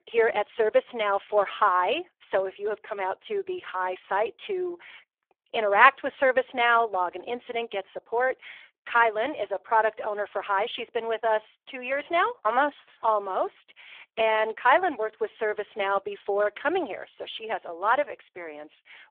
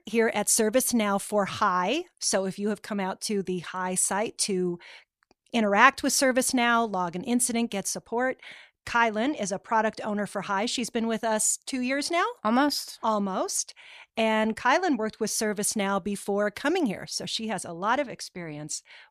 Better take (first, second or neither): second